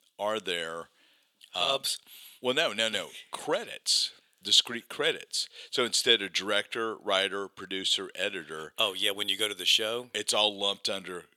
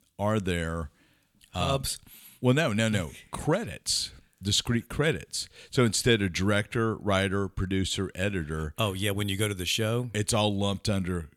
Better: second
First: thin; very; fading below 500 Hz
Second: none

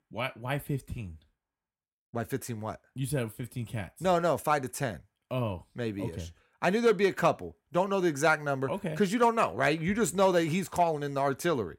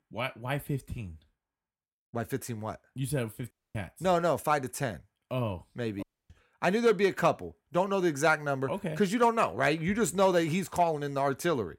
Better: first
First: none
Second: audio cutting out; at 3.5 s and at 6 s

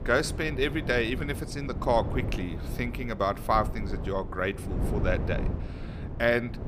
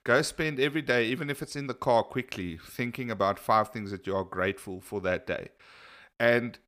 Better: second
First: wind noise on the microphone; occasional gusts; 15 dB below the speech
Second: none

